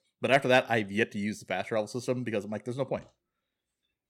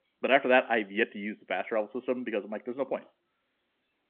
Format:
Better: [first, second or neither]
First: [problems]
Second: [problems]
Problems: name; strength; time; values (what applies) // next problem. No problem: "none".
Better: first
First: none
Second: phone-call audio